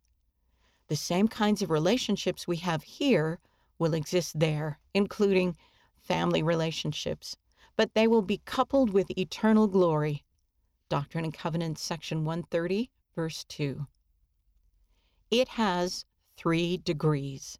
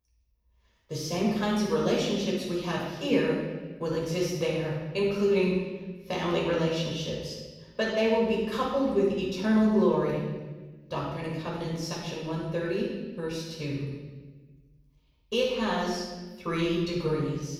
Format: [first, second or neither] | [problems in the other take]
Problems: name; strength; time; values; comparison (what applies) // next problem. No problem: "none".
first | off-mic speech; far // room echo; strong; dies away in 1.1 s